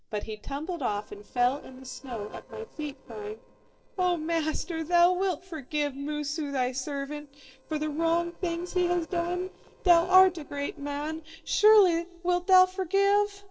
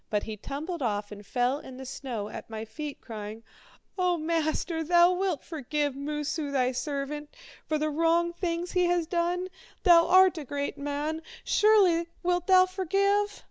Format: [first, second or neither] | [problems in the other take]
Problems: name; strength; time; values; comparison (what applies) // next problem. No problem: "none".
second | noise reduction (neural separator model SepFormer DNS4)